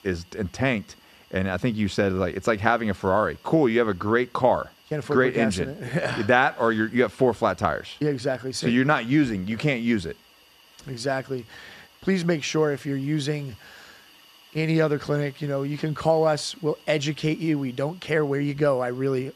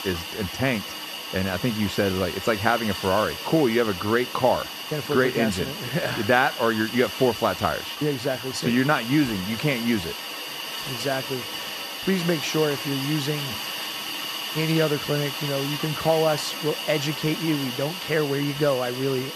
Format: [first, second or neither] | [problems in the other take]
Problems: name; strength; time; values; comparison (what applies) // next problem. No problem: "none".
first | hiss; loud; throughout; 6 dB below the speech; faint in the first